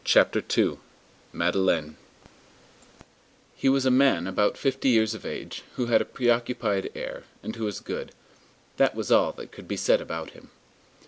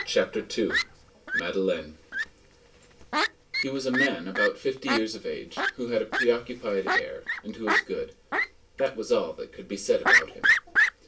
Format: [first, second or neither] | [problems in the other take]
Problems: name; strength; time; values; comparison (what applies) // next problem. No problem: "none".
first | background sound (Fowl); 1 dB above the speech // room echo; dies away in 0.2 s